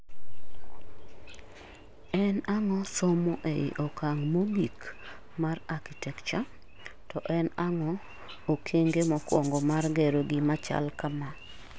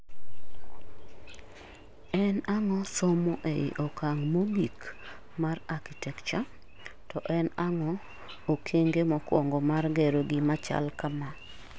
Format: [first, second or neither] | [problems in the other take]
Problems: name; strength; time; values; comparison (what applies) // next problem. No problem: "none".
second | background sound (Rattle (instrument)); 17 dB below the speech